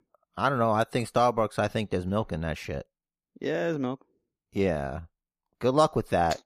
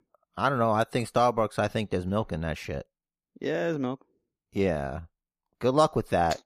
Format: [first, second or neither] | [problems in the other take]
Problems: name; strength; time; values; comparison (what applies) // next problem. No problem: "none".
neither | none